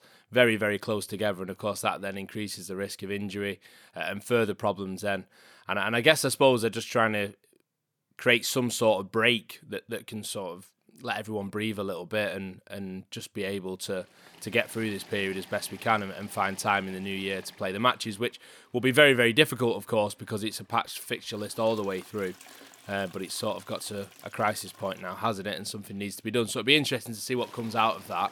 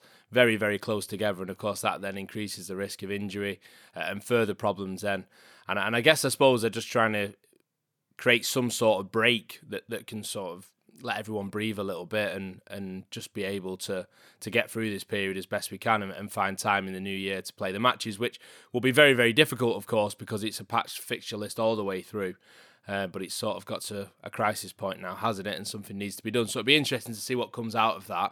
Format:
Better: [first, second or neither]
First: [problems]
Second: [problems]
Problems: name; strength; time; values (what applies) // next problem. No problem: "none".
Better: second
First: household noises; faint; from 14 s on; 25 dB below the speech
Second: none